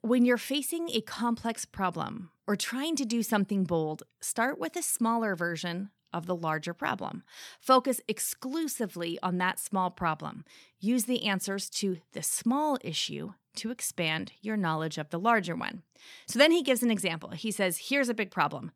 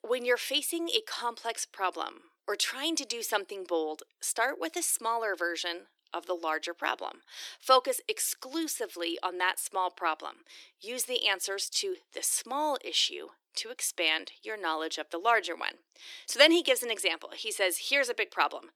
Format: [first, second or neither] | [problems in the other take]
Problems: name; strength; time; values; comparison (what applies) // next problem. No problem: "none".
first | thin; very; fading below 300 Hz